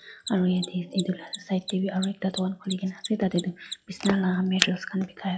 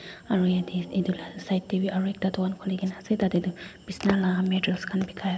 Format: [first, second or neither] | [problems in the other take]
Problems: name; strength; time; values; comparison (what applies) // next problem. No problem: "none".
second | noise reduction (classical method log-MMSE)